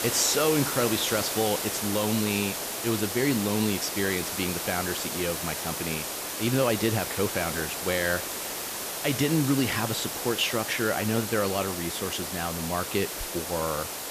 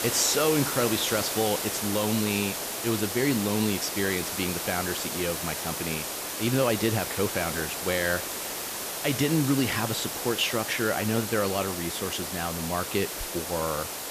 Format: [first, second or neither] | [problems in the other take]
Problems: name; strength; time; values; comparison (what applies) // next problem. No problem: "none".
neither | hiss; loud; throughout; 2 dB below the speech; the same in both